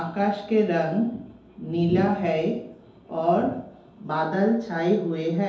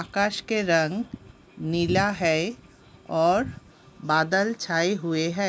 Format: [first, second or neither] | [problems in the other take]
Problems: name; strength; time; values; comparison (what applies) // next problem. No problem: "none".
second | room echo; dies away in 2.2 s